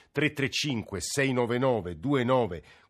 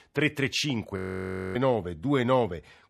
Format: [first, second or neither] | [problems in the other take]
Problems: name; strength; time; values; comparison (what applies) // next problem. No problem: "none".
first | audio freezing; at 1 s for 0.5 s